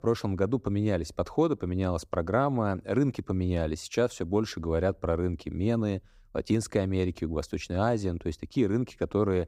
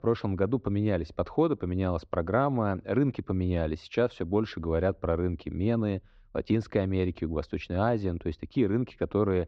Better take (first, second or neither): first